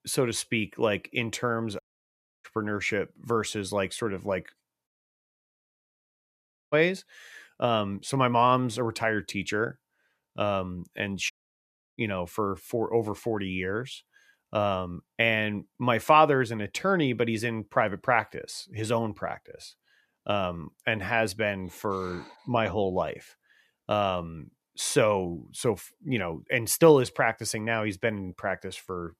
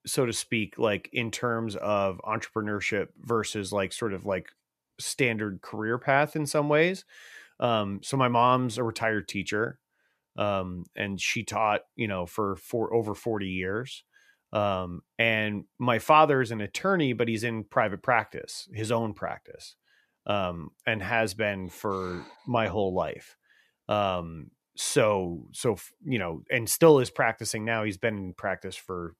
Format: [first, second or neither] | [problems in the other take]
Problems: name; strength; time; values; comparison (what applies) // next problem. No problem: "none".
second | audio cutting out; at 2 s for 0.5 s, at 5 s for 2 s and at 11 s for 0.5 s